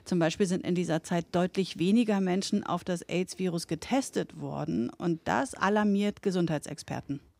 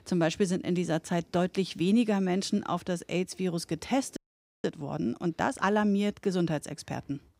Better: first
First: none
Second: audio freezing; at 4 s

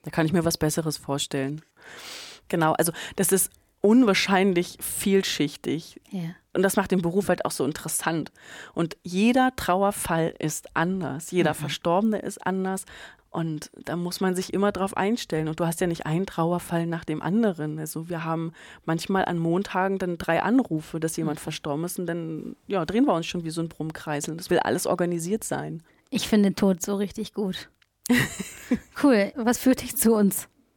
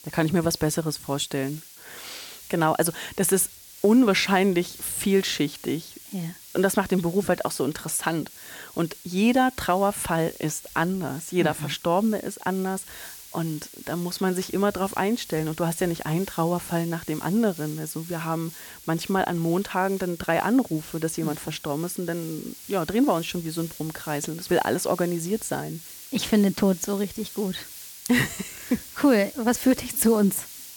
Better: first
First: none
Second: hiss; noticeable; throughout; 15 dB below the speech

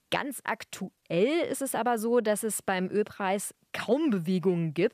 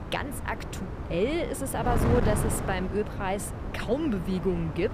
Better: first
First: none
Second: wind noise on the microphone; heavy; 6 dB below the speech

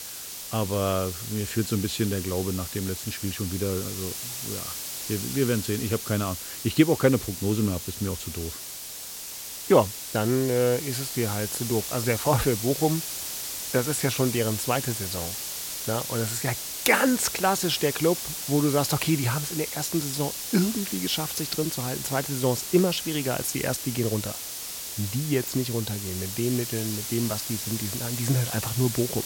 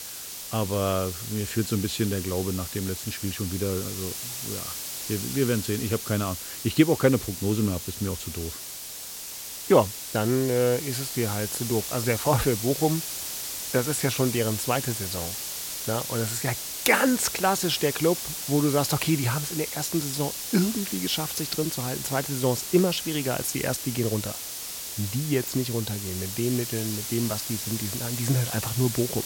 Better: neither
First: hiss; loud; throughout; 5 dB below the speech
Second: hiss; loud; throughout; 5 dB below the speech

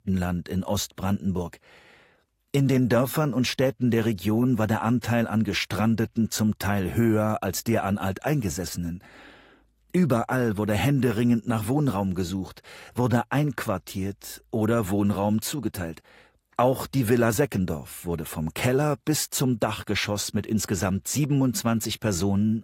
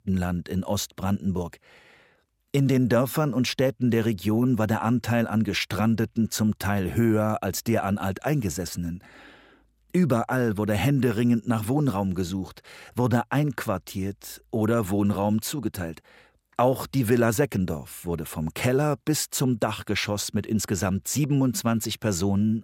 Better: second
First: garbled, watery; slightly; nothing above 16 kHz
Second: none

